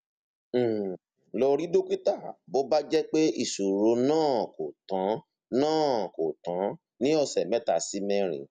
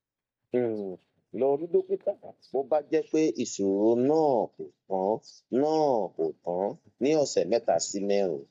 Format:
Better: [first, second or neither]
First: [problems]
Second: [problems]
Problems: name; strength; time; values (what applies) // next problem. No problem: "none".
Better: first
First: none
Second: noise reduction (neural mask model DeepFilterNet 3)